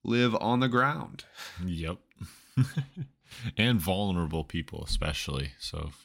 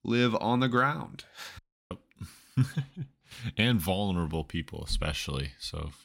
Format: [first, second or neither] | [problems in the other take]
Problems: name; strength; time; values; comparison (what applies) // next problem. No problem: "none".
first | audio cutting out; at 1.5 s